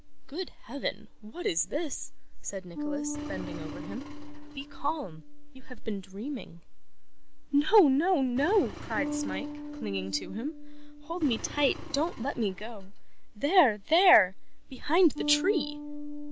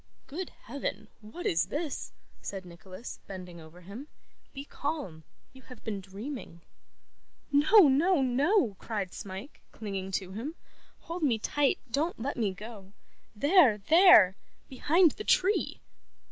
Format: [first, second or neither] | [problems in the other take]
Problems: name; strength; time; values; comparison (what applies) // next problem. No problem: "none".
second | background sound (Bass guitar + Engine); 12 dB below the speech